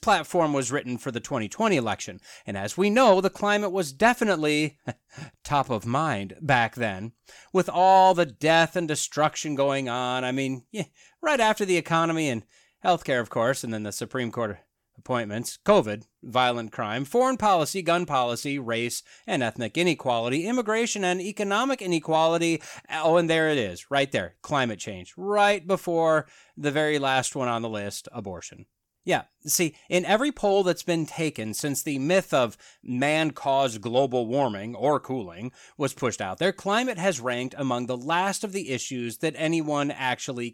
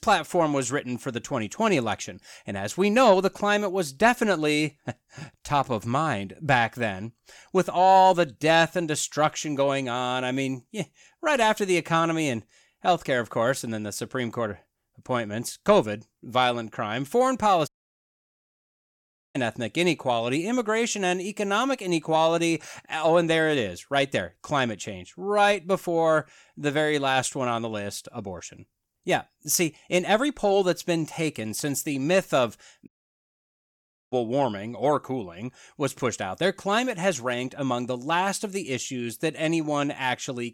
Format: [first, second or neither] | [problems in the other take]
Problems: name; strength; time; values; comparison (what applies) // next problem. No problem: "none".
first | audio cutting out; at 18 s for 1.5 s and at 33 s for 1 s